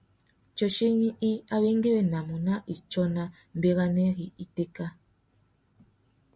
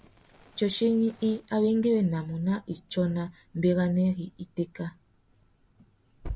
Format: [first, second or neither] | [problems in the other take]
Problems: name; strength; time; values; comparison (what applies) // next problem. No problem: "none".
first | background sound (Fire); 20 dB below the speech